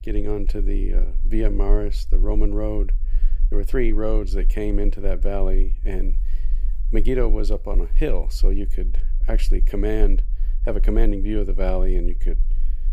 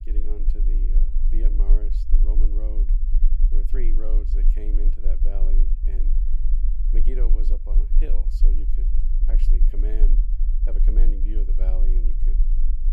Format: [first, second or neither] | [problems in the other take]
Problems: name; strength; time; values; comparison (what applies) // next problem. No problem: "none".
first | low rumble; loud; throughout; 6 dB below the speech; faint in the first